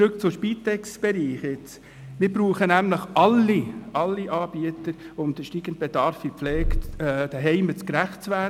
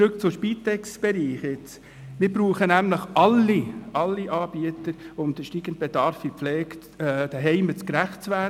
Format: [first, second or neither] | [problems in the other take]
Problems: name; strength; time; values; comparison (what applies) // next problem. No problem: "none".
second | background sound (Purr); 3 dB below the speech